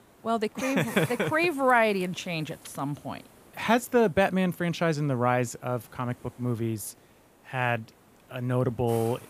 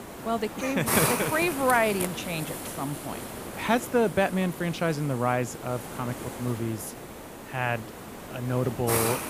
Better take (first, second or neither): first